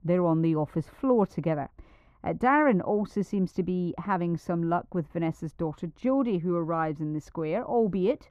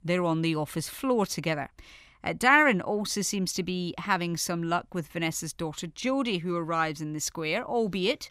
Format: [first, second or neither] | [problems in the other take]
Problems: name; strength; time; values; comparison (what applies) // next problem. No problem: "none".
second | muffled; very; fading above 2 kHz